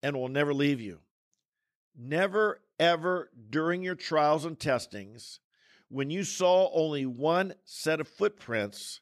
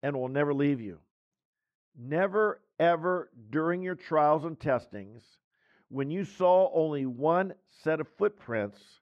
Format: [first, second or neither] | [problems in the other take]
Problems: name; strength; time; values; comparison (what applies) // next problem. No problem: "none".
first | muffled; very; fading above 3 kHz